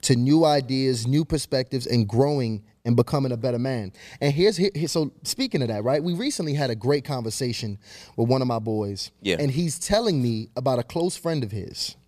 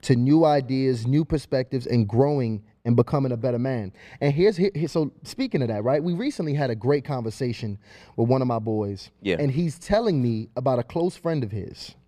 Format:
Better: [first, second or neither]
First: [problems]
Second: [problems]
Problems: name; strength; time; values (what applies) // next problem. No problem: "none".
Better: first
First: none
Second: muffled; slightly; fading above 3.5 kHz